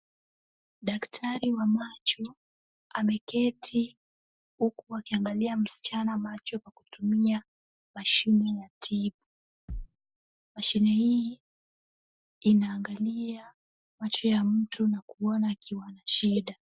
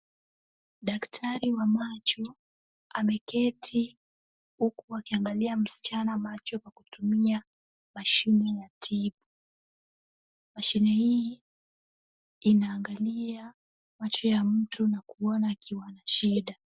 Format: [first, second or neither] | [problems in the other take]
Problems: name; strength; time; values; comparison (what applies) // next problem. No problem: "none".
second | noise reduction (classical method Wiener filter)